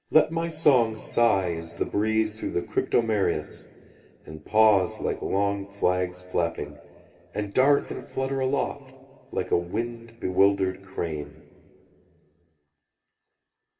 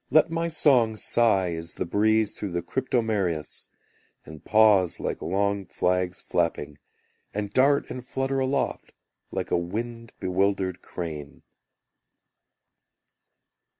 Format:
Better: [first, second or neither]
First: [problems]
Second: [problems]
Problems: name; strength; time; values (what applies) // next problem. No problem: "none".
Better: second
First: room echo; dies away in 2.7 s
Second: none